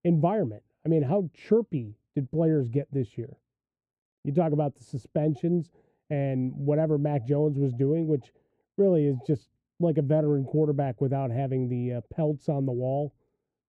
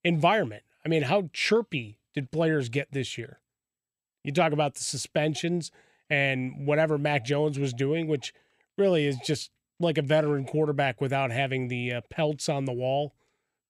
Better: second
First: muffled; very; fading above 1 kHz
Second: none

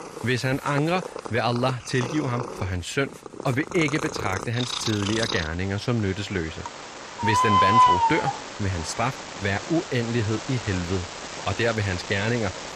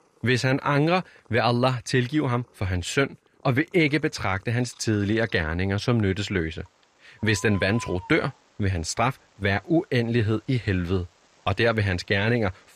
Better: second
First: animal sounds; loud; throughout; 1 dB below the speech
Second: animal sounds; faint; throughout; 25 dB below the speech

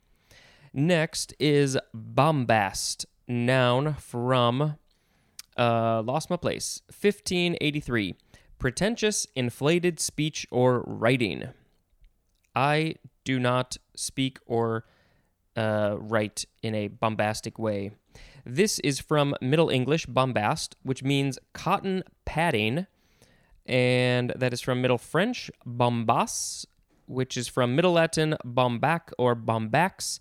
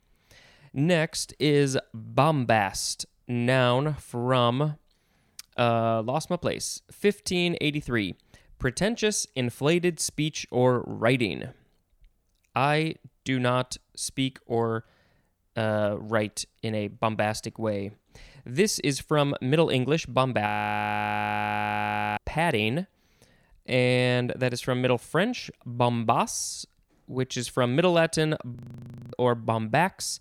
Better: first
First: none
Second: audio freezing; at 20 s for 1.5 s and at 29 s for 0.5 s

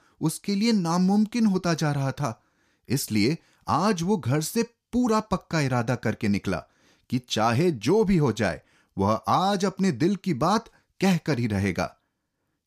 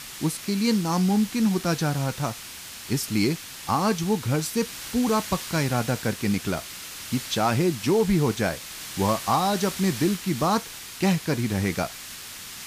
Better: first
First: none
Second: hiss; noticeable; throughout; 10 dB below the speech

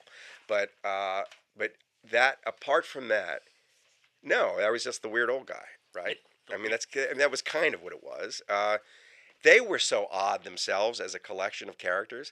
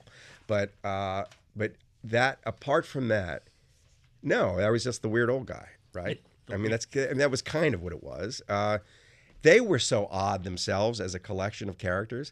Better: second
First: thin; very; fading below 550 Hz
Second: none

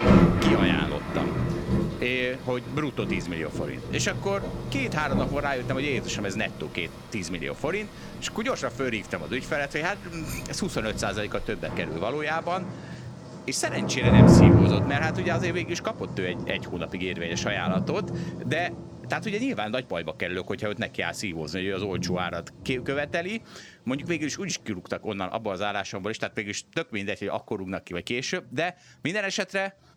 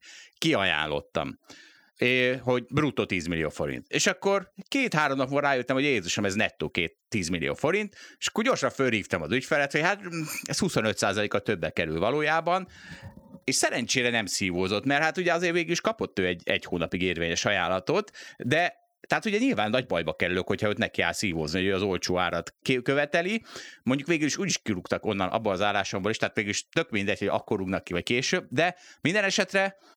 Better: second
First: rain or running water; very loud; throughout; 4 dB above the speech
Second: none

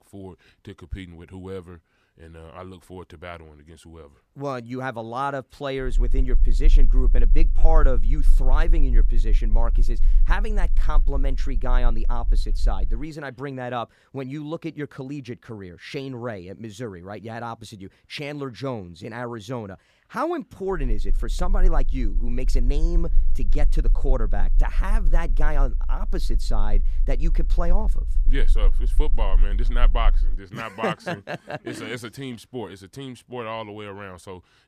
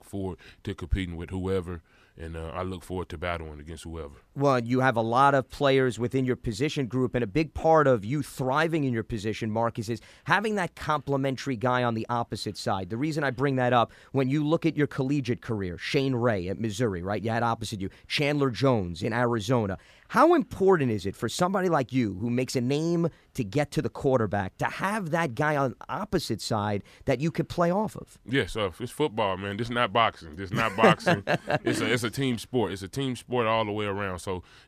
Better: second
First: low rumble; faint; from 6 to 13 s and from 21 to 30 s; 20 dB below the speech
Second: none

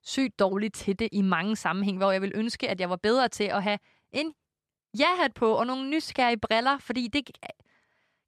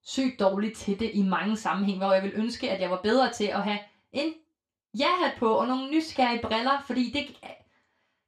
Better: first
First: none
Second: room echo; very slight; dies away in 0.3 s // off-mic speech; far

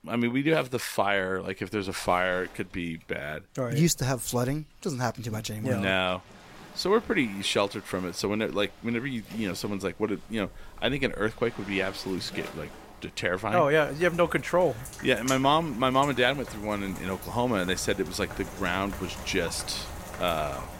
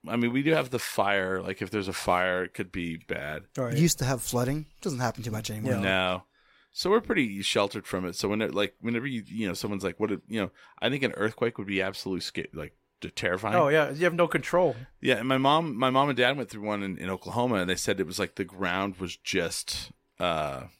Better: second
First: rain or running water; noticeable; throughout; 15 dB below the speech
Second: none

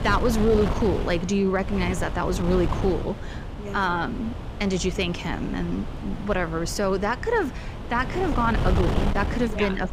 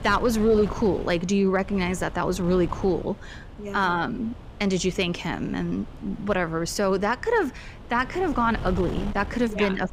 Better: second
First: wind noise on the microphone; heavy; 9 dB below the speech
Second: wind noise on the microphone; occasional gusts; 20 dB below the speech

